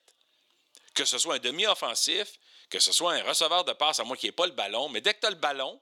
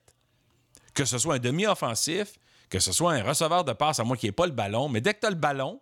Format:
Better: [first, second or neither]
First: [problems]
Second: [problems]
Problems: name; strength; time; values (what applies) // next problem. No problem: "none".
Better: second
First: thin; somewhat; fading below 350 Hz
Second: none